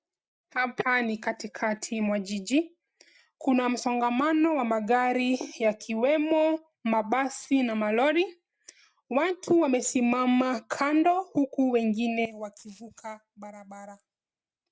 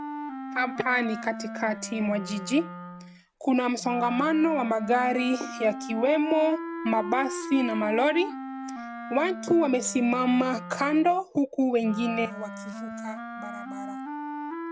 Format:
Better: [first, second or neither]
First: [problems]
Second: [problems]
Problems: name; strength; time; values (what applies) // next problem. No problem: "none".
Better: first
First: none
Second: background sound (Wind instrument, woodwind instrument); 10 dB below the speech